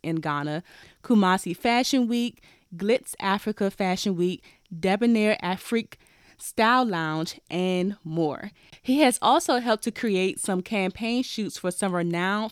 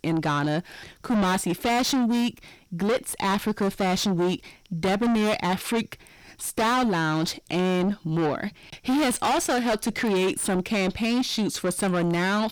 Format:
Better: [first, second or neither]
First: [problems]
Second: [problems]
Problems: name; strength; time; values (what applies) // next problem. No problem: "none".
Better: first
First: none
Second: distortion; heavy; 6 dB below the speech